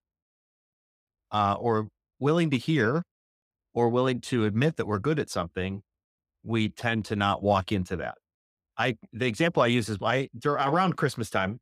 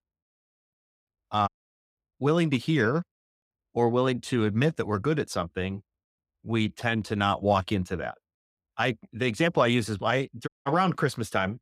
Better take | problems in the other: first | audio cutting out; at 1.5 s and at 10 s

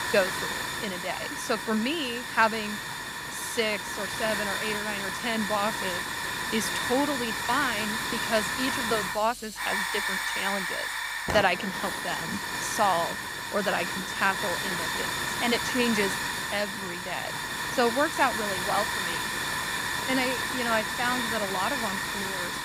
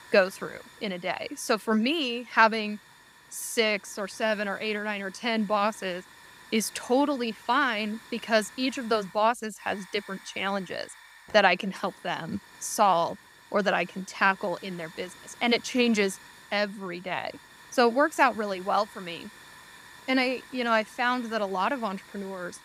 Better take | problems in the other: second | hiss; loud; throughout; as loud as the speech; faint in the second

